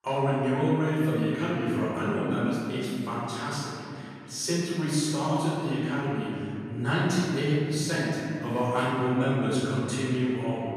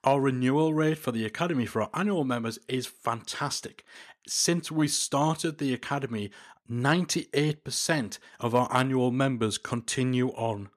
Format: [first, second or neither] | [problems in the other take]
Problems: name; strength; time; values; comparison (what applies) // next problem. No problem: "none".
second | off-mic speech; far // room echo; strong; dies away in 3 s